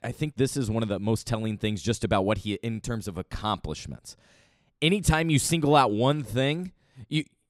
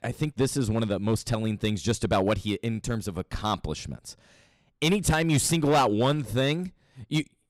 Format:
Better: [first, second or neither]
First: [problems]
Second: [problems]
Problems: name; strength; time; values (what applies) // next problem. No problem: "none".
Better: first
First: none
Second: distortion; slight; 3% of the sound clipped